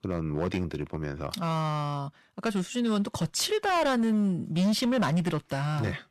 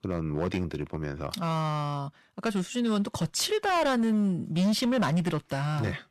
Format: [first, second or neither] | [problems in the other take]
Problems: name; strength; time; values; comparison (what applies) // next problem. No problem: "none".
neither | distortion; slight; 11% of the sound clipped; the same in both